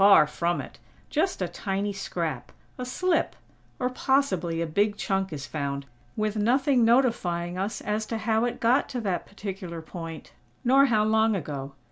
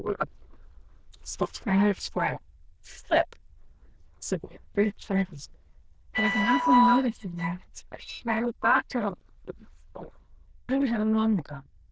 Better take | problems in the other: first | noise reduction (neural diffusion model UNIVERSE++)

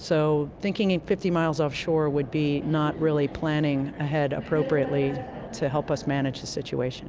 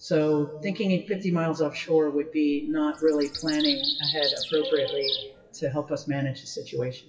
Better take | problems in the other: first | noise reduction (classical method WPE with log-MMSE)

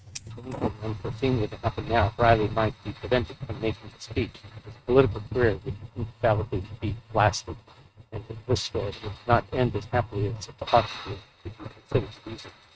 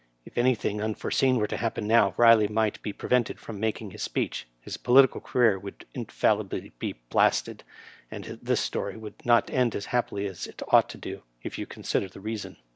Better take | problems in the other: second | noise reduction (neural mask model RNNoise)

